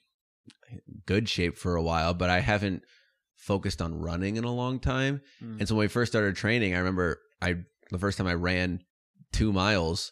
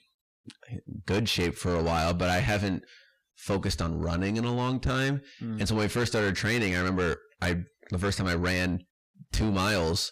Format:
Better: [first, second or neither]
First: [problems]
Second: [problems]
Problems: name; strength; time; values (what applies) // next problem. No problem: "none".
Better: first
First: none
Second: distortion; heavy; 7 dB below the speech